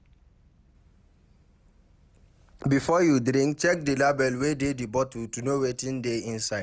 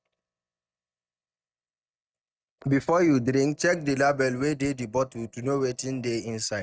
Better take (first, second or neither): first